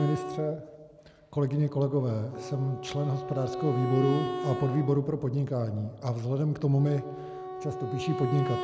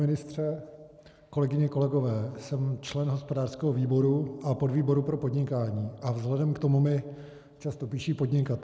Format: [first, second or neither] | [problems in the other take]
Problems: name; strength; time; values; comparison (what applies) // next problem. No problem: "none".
second | background sound (Wind instrument, woodwind instrument); 8 dB below the speech